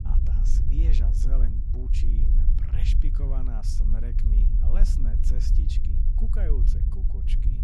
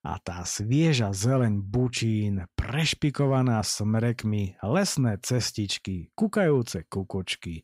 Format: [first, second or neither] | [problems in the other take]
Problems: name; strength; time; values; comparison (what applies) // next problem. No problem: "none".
second | low rumble; loud; throughout; 1 dB below the speech